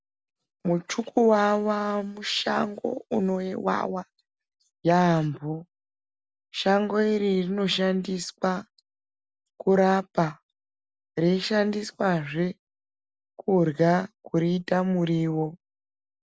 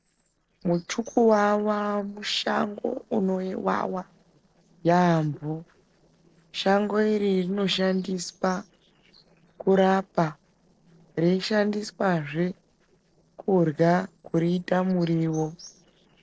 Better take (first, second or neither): first